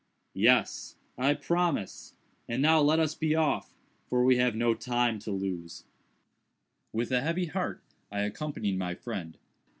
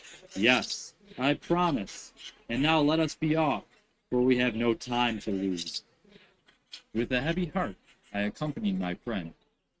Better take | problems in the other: first | noise reduction (neural mask model RNNoise)

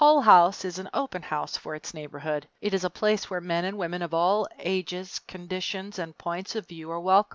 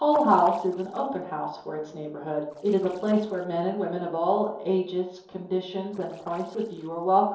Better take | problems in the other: first | noise reduction (neural separator model SepFormer DNS4)

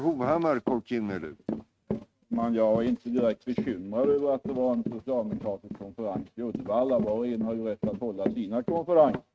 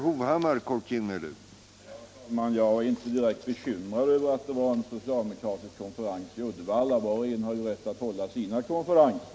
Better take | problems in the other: second | noise reduction (neural mask model RNNoise)

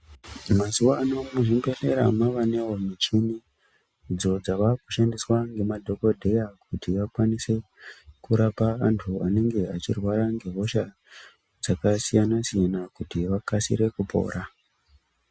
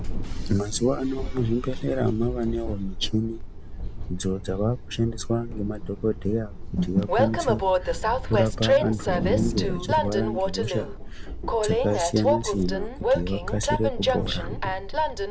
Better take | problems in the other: first | background sound (Train); 1 dB above the speech

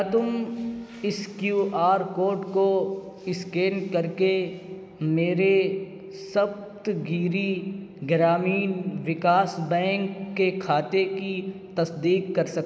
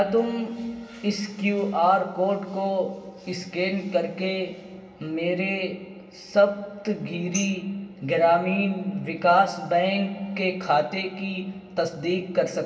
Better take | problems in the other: first | background sound (Tambourine); 15 dB below the speech // room echo; dies away in 0.2 s

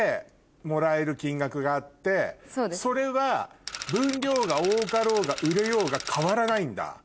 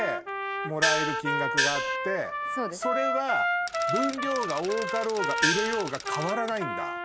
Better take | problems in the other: first | background sound (Trumpet + Gong); 2 dB above the speech

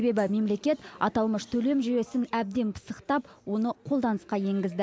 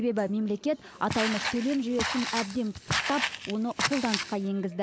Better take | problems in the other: first | background sound (Walk, footsteps); 3 dB below the speech

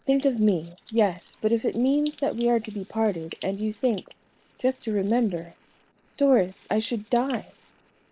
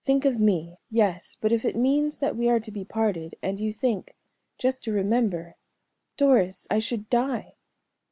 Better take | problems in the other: second | noise reduction (neural mask model Resemble Enhance denoiser)

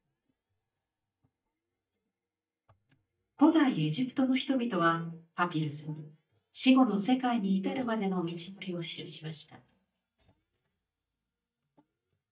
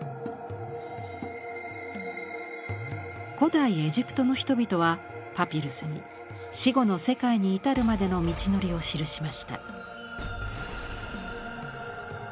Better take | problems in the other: second | noise reduction (neural mask model DeepFilterNet 3)

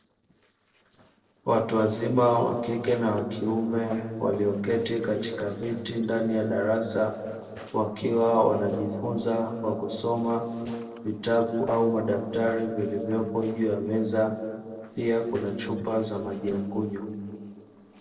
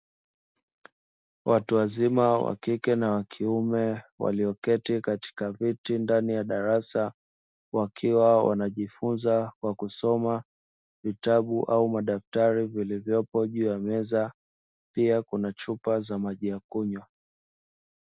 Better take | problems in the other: second | noise reduction (neural separator model SepFormer DNS4)

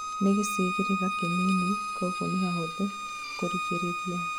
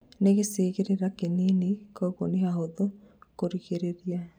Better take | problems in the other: second | background sound (Bowed string instrument); 2 dB below the speech

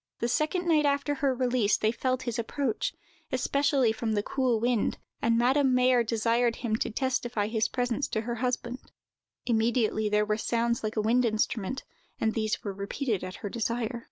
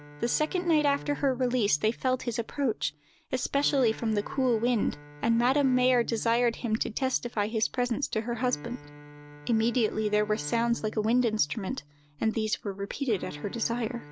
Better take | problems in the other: first | background sound (Bowed string instrument); 18 dB below the speech

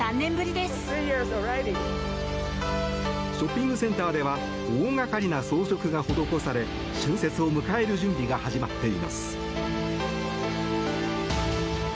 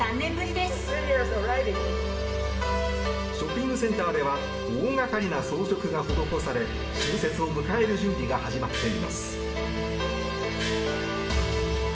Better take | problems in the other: first | background sound (Gong); 13 dB below the speech // room echo; dies away in 0.7 s

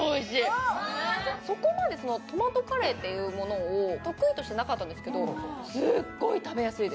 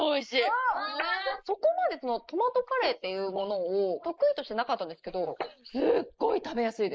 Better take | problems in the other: first | noise reduction (neural mask model Resemble Enhance denoiser)

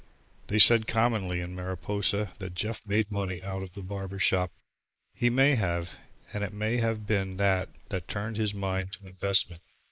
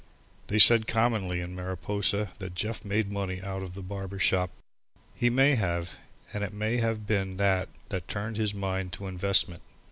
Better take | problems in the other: second | noise reduction (neural mask model Resemble Enhance denoiser)

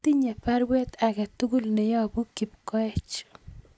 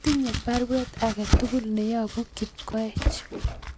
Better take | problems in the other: first | background sound (Domestic sounds, home sounds); 2 dB below the speech

